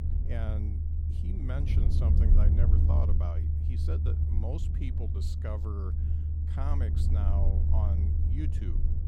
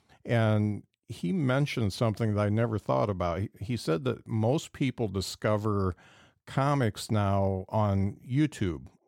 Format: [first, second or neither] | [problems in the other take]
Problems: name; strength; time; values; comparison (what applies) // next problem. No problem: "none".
second | low rumble; loud; throughout; as loud as the speech